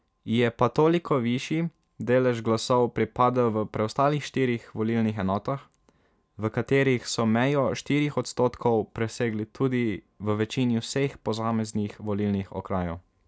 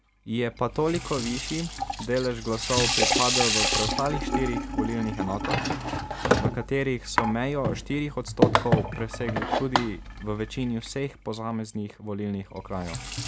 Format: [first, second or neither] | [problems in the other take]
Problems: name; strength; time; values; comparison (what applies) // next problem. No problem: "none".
first | background sound (Sink (filling or washing) / Water tap, faucet); 1 dB above the speech